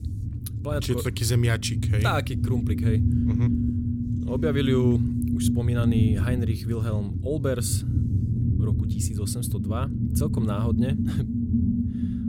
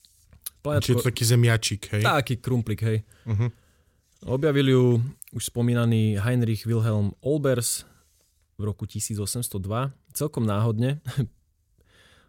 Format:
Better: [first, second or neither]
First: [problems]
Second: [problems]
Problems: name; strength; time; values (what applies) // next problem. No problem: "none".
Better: second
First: low rumble; loud; throughout; 3 dB below the speech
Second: none